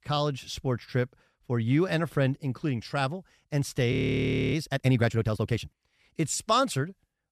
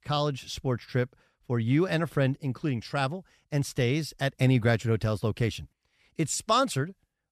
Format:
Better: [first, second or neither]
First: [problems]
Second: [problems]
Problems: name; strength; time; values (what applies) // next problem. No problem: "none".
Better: second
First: audio freezing; at 4 s for 0.5 s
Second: none